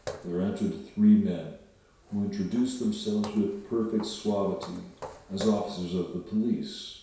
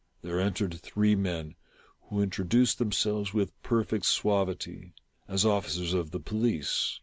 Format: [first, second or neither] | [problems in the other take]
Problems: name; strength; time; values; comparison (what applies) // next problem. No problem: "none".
second | background sound (Walk, footsteps); 18 dB below the speech // room echo; dies away in 0.7 s